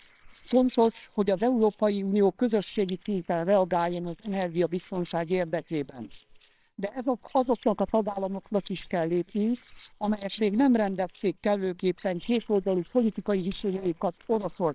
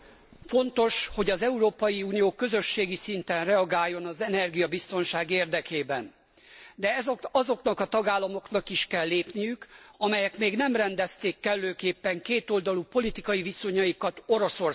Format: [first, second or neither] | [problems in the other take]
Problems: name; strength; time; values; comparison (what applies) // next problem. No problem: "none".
second | noise reduction (neural separator model SepFormer WHAMR!)